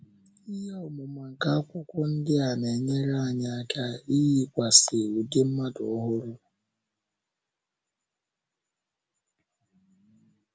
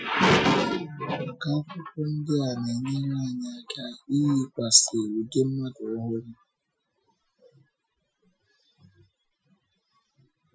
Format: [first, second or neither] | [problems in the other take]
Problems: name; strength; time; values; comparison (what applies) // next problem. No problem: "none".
first | noise reduction (classical method Wiener filter)